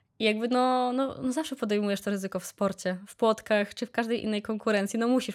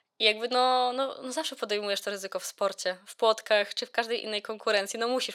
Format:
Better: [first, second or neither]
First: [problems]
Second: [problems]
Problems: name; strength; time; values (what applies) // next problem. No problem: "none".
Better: first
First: none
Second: thin; somewhat; fading below 550 Hz